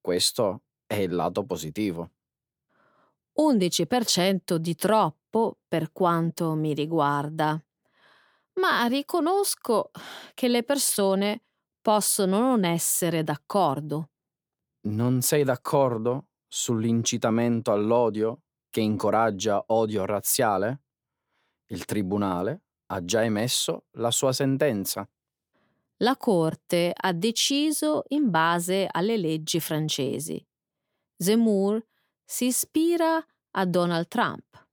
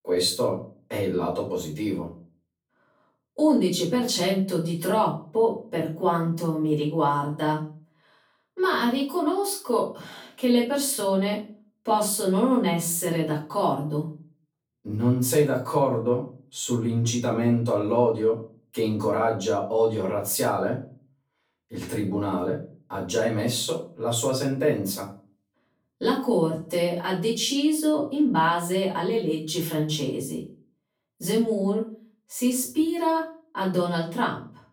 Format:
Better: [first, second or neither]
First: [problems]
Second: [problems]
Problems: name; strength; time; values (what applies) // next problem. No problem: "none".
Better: first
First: none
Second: off-mic speech; far // room echo; slight; dies away in 0.3 s